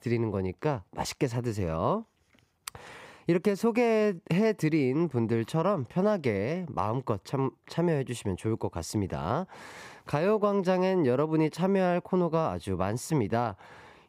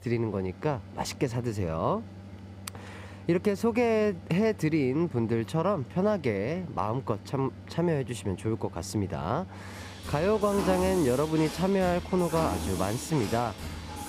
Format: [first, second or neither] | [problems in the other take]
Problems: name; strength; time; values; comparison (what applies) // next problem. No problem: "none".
first | machinery noise; noticeable; throughout; 10 dB below the speech